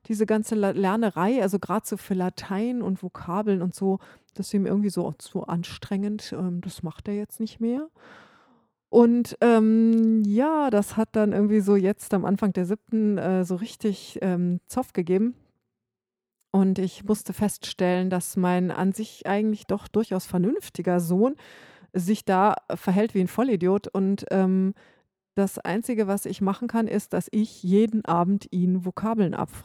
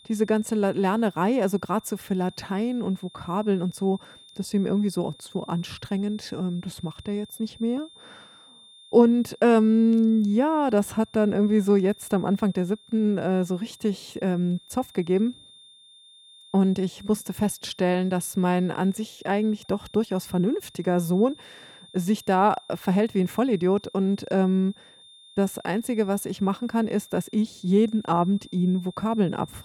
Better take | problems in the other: first | high-pitched whine; faint; throughout; 3.5 kHz, 25 dB below the speech

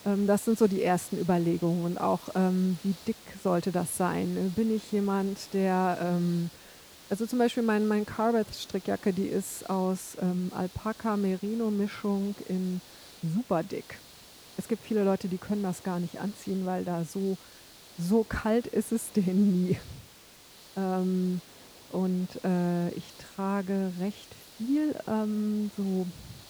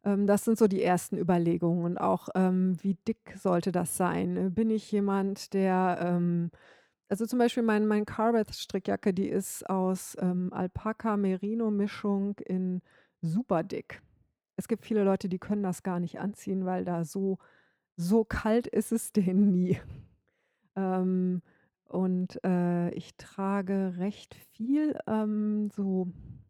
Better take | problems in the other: second | hiss; noticeable; throughout; 20 dB below the speech

